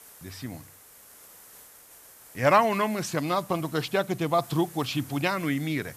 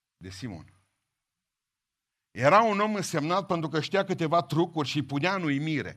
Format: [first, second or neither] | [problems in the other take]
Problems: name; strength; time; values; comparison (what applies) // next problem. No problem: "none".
second | hiss; faint; throughout; 20 dB below the speech